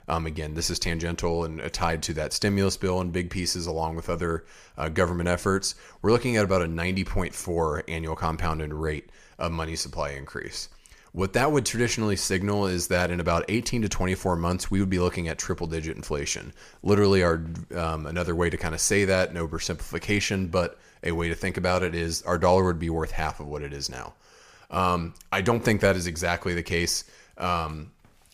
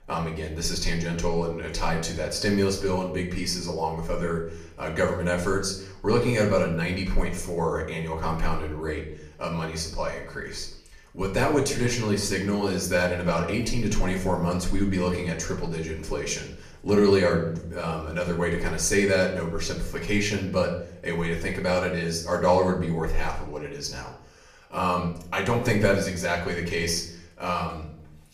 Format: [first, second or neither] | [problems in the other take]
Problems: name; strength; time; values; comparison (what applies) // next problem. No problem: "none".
first | off-mic speech; far // room echo; slight; dies away in 0.6 s